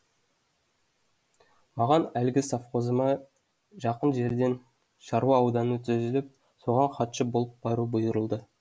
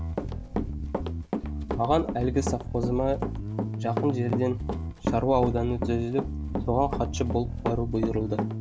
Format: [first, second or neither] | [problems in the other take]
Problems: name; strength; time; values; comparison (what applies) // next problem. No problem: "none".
first | background sound (Run + Bass guitar); 2 dB below the speech